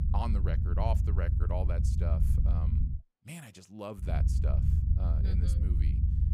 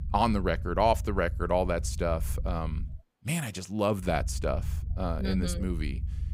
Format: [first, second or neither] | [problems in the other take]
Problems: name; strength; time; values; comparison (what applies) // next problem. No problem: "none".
second | low rumble; loud; until 3 s and from 4 s on; 3 dB below the speech; faint in the second